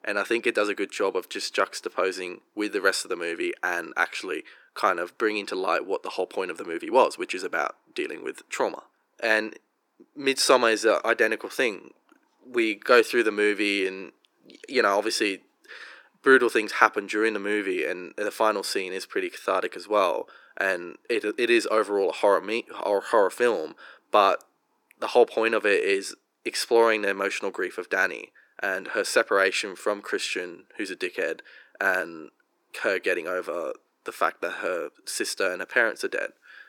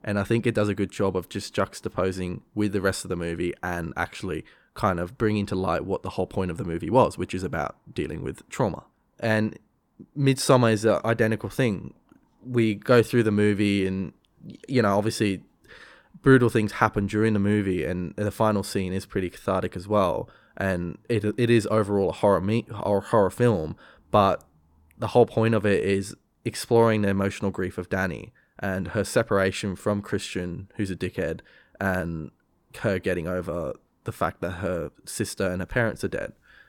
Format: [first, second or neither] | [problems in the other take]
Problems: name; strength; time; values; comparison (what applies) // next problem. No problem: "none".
second | thin; very; fading below 350 Hz